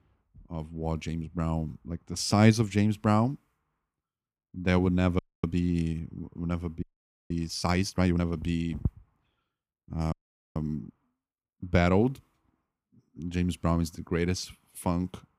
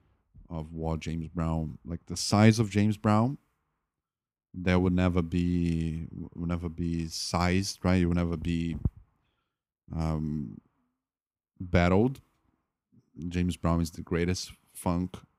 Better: second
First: audio freezing; at 5 s, at 7 s and at 10 s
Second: none

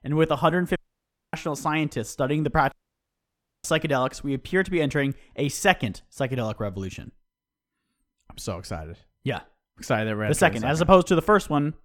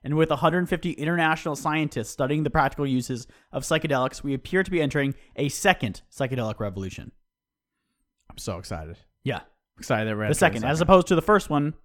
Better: second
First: audio cutting out; at 1 s for 0.5 s and at 2.5 s for 1 s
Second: none

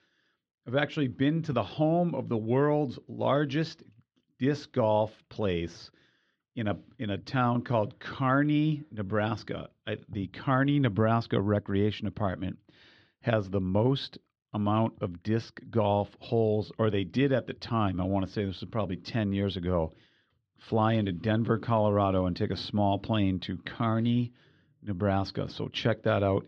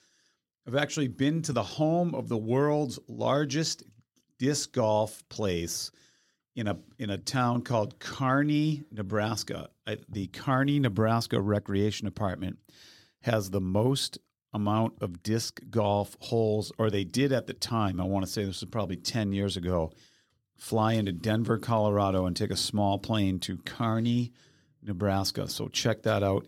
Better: second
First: muffled; slightly; fading above 3.5 kHz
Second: none

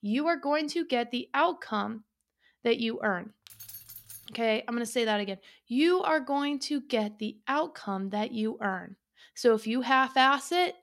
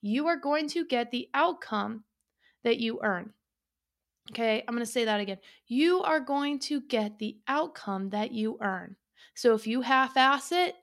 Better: second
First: jangling keys; faint; at 3.5 s; peak 15 dB below the speech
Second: none

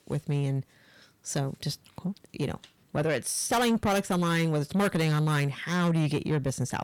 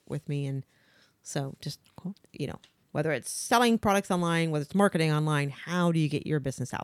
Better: second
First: distortion; heavy; 8 dB below the speech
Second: none

